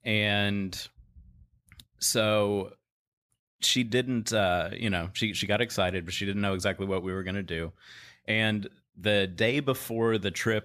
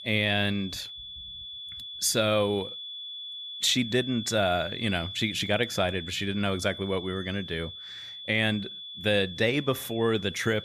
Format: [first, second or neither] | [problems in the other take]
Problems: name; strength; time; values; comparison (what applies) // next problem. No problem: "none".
first | high-pitched whine; noticeable; throughout; 3.5 kHz, 10 dB below the speech